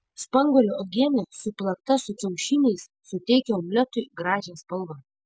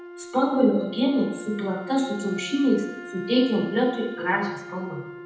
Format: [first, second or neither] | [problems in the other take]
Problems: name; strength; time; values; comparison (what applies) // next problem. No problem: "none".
first | background sound (Wind instrument, woodwind instrument); 14 dB below the speech // room echo; dies away in 0.9 s